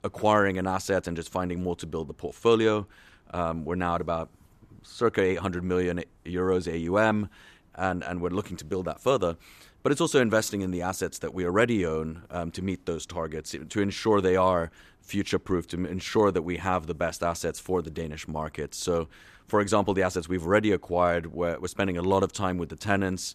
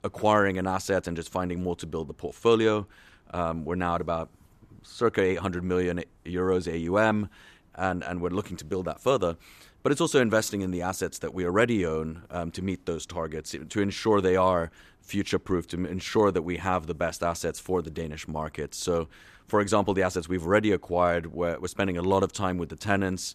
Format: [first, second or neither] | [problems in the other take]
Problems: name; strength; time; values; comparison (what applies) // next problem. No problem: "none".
neither | none